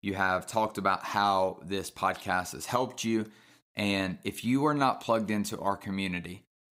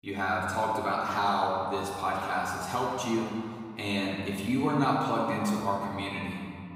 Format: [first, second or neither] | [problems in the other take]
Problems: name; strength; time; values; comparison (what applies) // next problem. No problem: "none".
first | room echo; noticeable; dies away in 2.1 s // off-mic speech; far